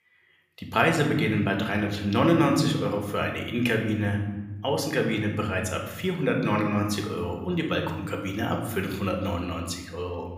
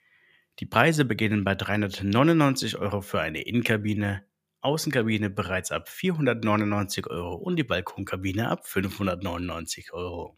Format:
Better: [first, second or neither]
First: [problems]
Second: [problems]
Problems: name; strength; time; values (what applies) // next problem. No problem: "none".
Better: second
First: room echo; slight; dies away in 1.1 s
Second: none